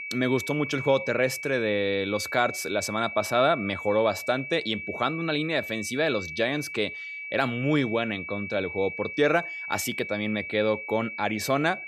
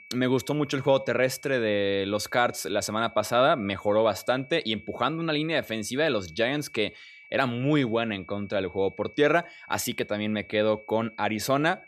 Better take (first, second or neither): second